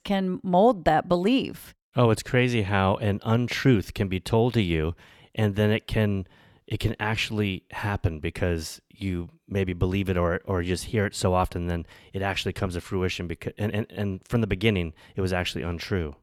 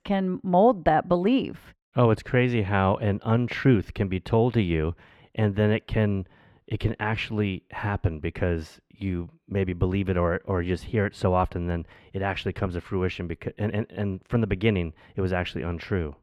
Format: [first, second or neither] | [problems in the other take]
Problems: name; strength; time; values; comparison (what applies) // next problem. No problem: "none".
first | muffled; slightly; fading above 4 kHz